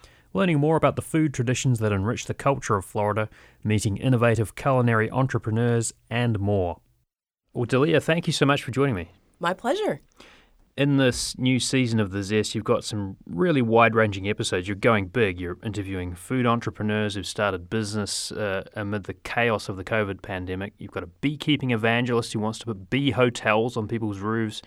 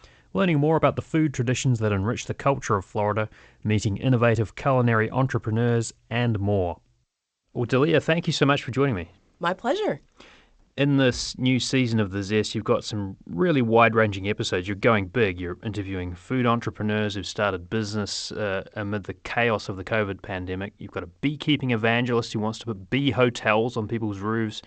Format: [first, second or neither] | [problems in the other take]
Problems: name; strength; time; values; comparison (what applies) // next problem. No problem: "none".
first | garbled, watery; slightly; nothing above 8 kHz